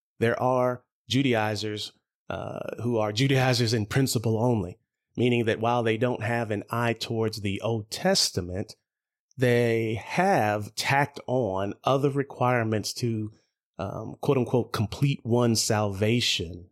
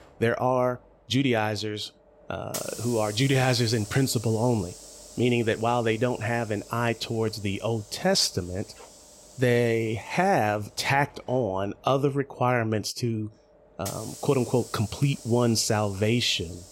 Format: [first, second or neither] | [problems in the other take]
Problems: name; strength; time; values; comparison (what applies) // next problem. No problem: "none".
first | hiss; noticeable; throughout; 15 dB below the speech